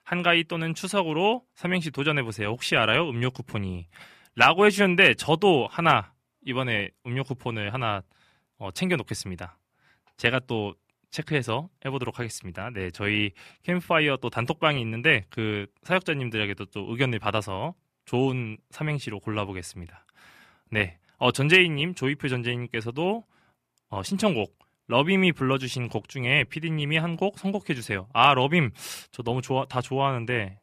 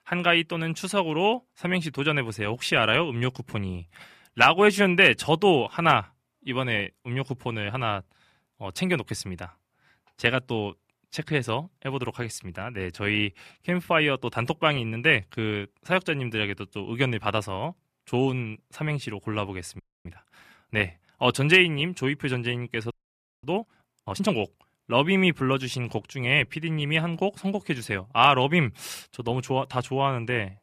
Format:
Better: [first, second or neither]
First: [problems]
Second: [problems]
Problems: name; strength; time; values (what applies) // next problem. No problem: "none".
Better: first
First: none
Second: audio freezing; at 20 s and at 23 s for 0.5 s